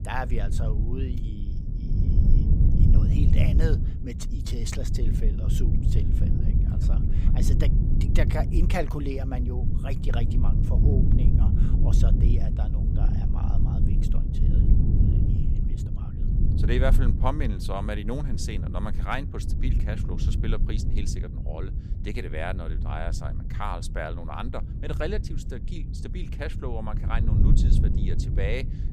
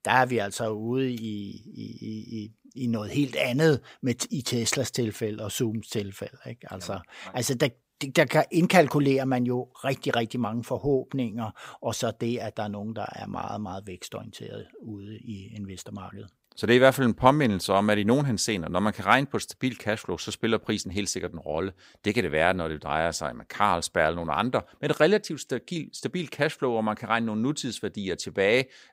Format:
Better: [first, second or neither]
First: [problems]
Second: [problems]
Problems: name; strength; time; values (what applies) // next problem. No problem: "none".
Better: second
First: low rumble; loud; throughout; 4 dB below the speech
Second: none